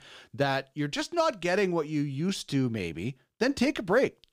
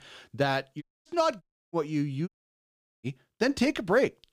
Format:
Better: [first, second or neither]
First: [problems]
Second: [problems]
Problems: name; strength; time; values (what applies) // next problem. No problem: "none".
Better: first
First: none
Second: audio cutting out; at 1 s, at 1.5 s and at 2.5 s for 1 s